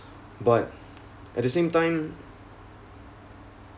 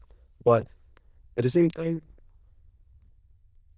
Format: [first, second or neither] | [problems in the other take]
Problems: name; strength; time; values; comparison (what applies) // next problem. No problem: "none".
first | noise reduction (neural diffusion model UNIVERSE++)